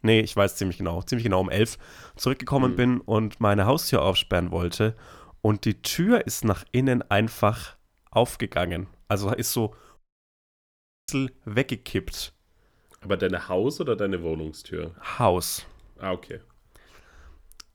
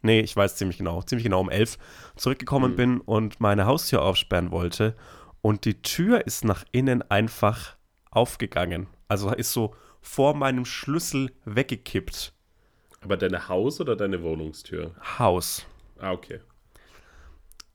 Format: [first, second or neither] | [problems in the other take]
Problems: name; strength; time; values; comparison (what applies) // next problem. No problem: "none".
second | audio cutting out; at 10 s for 1 s